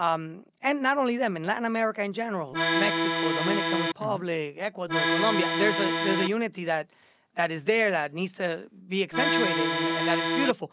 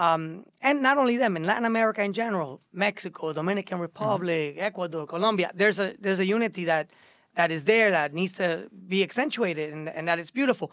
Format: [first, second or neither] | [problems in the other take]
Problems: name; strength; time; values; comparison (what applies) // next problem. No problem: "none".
second | background sound (Accordion); 3 dB above the speech